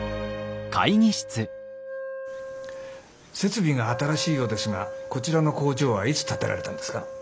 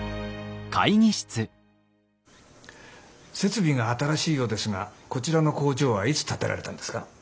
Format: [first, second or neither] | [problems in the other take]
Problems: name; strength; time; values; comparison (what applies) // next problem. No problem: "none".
second | background sound (Wind instrument, woodwind instrument); 10 dB below the speech